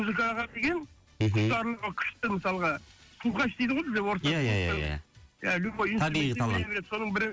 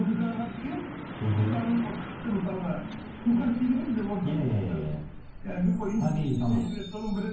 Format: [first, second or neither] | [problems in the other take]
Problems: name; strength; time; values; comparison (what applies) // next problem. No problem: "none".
first | background sound (Truck); 10 dB below the speech // room echo; dies away in 0.9 s